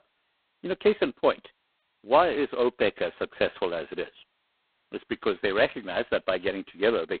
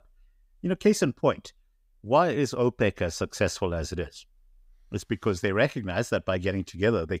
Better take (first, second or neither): second